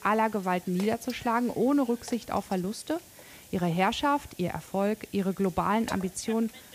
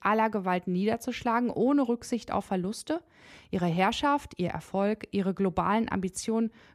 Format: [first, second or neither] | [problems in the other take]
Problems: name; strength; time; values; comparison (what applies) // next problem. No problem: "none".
second | hiss; noticeable; throughout; 20 dB below the speech